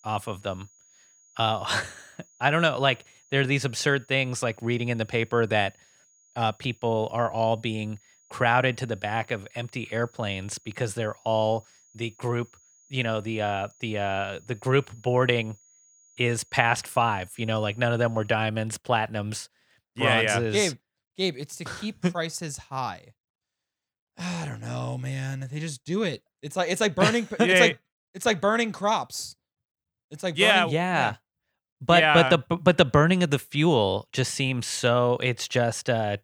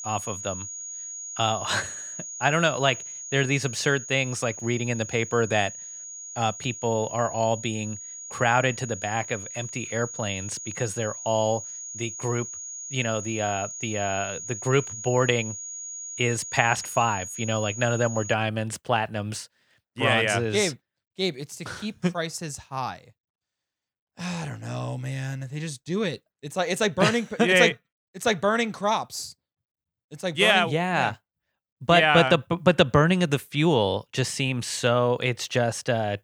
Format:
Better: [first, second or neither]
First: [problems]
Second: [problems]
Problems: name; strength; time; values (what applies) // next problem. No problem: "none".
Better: first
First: high-pitched whine; faint; until 18 s; 6.5 kHz, 30 dB below the speech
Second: high-pitched whine; loud; until 18 s; 6.5 kHz, 10 dB below the speech